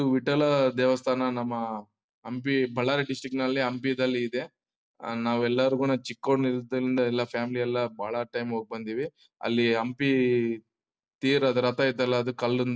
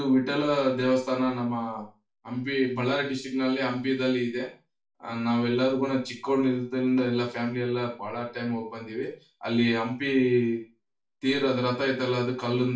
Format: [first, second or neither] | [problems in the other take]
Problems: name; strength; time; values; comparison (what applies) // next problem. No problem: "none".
first | room echo; dies away in 0.3 s